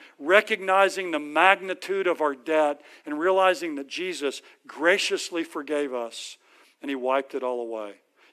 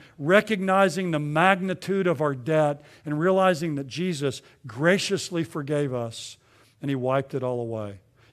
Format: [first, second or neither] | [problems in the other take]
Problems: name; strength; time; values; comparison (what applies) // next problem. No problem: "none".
second | thin; somewhat; fading below 250 Hz